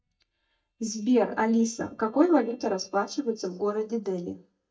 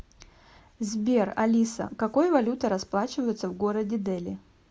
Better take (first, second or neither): second